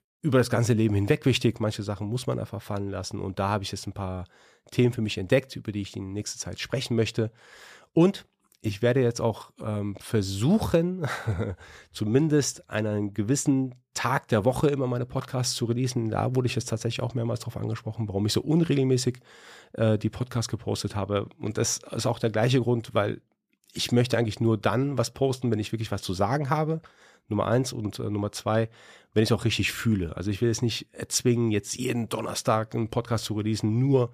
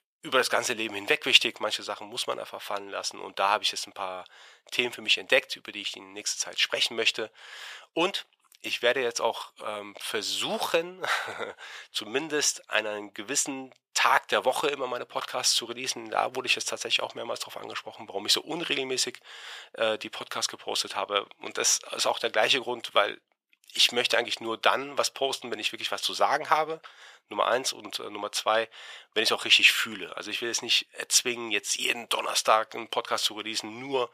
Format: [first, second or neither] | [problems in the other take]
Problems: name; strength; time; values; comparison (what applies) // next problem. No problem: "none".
first | thin; very; fading below 800 Hz